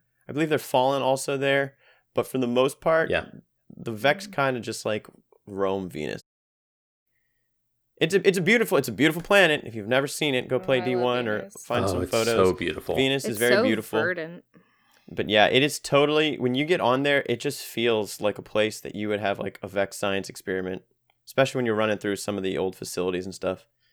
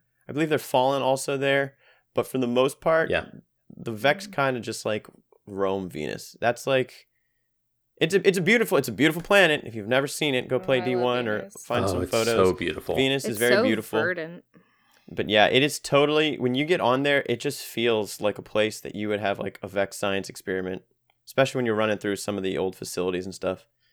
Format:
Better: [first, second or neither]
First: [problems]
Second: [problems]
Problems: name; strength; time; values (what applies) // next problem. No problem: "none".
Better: second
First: audio cutting out; at 6 s for 1 s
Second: none